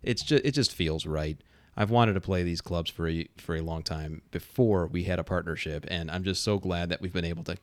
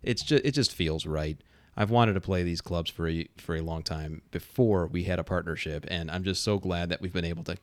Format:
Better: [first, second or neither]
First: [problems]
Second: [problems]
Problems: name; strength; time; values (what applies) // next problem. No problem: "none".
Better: neither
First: none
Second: none